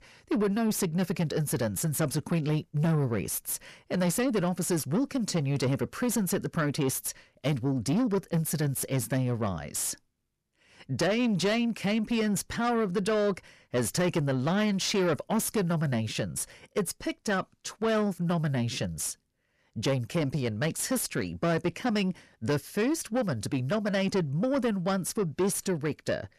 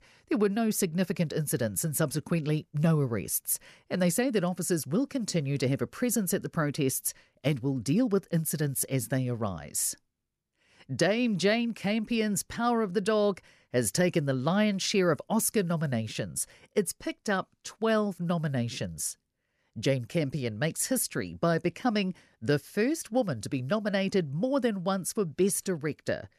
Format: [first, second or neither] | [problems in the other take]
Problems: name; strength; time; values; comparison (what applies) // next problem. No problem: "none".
second | distortion; slight; 10 dB below the speech